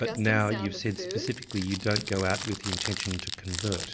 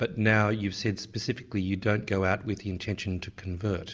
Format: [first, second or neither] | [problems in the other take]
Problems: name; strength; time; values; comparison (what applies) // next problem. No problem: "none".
second | background sound (Crumpling, crinkling); 7 dB below the speech